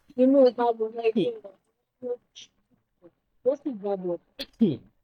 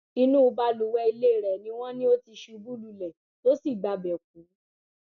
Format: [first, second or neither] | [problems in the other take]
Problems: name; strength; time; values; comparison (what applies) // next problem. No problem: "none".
second | noise reduction (neural mask model DeepFilterNet 3)